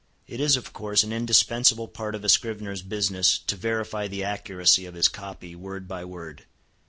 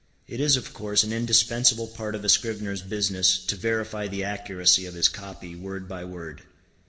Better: first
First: none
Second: room echo; dies away in 1.2 s

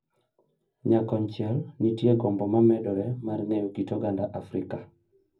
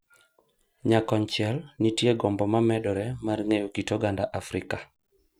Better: second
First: room echo; dies away in 0.4 s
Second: none

